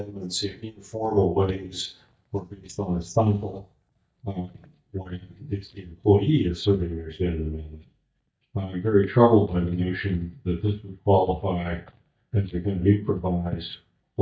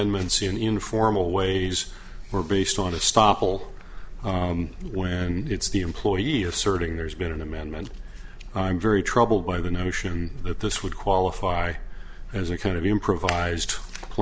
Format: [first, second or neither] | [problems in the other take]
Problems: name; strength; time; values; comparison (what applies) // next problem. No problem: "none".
second | noise reduction (neural mask model DeepFilterNet 3)